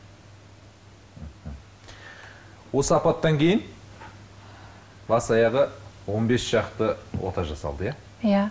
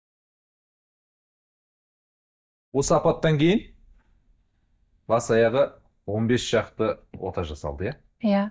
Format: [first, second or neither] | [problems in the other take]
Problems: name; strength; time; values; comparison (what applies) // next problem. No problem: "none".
first | noise reduction (neural mask model DeepFilterNet 3)